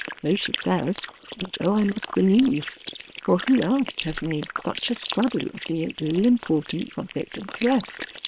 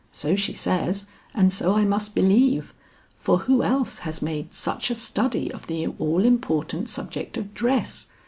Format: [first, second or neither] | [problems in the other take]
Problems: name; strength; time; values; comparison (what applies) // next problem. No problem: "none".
second | noise reduction (neural separator model SepFormer WHAM!)